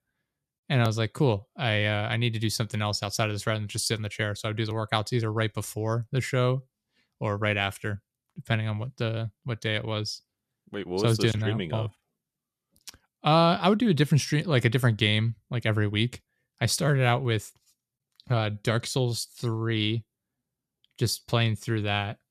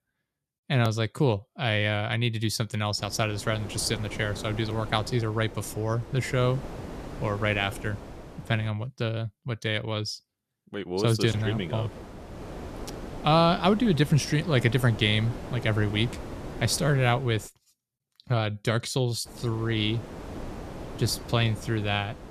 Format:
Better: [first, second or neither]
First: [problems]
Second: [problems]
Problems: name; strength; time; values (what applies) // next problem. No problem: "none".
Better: first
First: none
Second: wind noise on the microphone; occasional gusts; from 3 to 8.5 s, from 11 to 17 s and from 19 s on; 15 dB below the speech